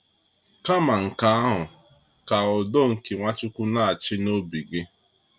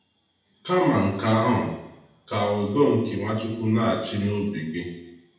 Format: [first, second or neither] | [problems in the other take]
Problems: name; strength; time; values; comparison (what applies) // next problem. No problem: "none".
first | room echo; dies away in 0.8 s